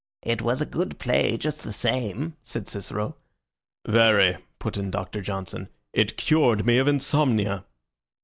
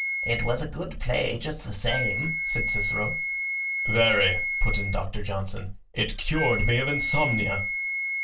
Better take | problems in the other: first | background sound (Wind instrument, woodwind instrument); 3 dB below the speech // room echo; dies away in 0.2 s

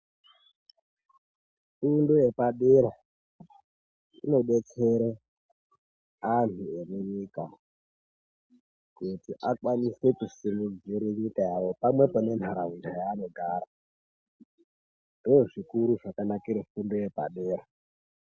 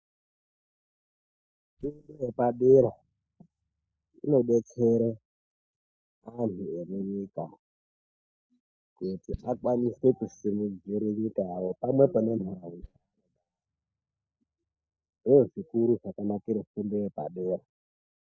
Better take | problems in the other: first | noise reduction (neural mask model DeepFilterNet 3)

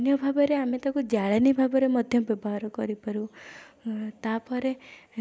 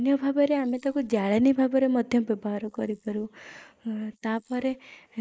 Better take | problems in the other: first | noise reduction (neural mask model Resemble Enhance denoiser)

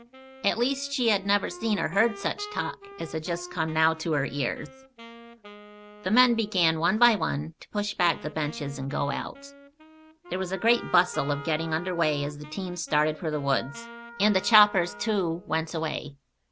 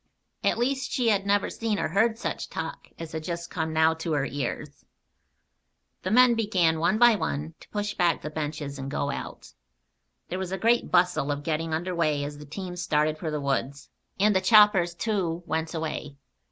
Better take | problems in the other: second | background sound (Wind instrument, woodwind instrument + Wind instrument, woodwind instrument); 17 dB below the speech

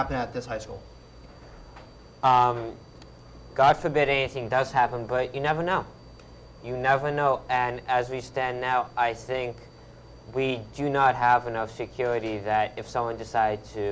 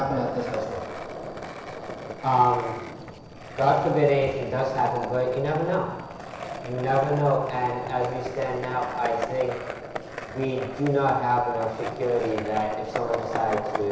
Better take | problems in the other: first | background sound (Skateboard); 9 dB below the speech // room echo; dies away in 1 s

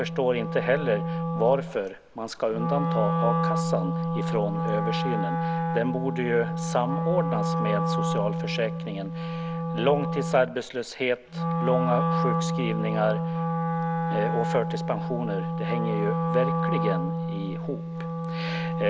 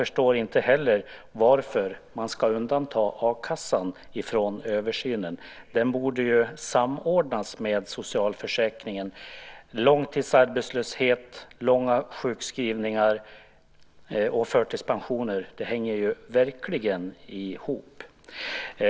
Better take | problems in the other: second | background sound (Wind instrument, woodwind instrument); 1 dB above the speech

